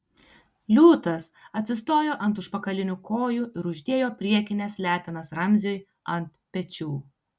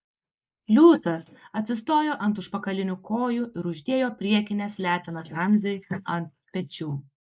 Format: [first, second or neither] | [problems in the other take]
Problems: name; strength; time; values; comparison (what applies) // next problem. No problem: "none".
first | noise reduction (neural mask model Resemble Enhance denoiser)